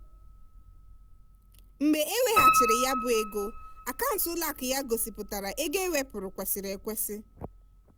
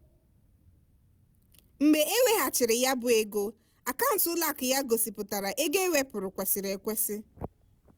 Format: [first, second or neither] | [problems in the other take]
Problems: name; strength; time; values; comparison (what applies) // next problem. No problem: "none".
second | background sound (Piano); 2 dB below the speech